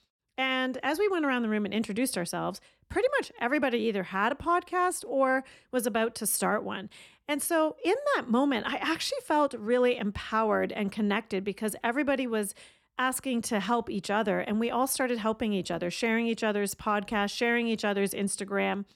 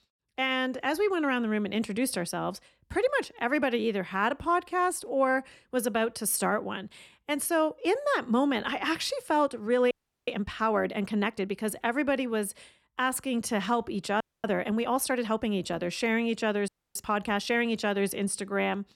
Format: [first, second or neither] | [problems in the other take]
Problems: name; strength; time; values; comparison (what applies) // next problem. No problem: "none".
first | audio freezing; at 10 s, at 14 s and at 17 s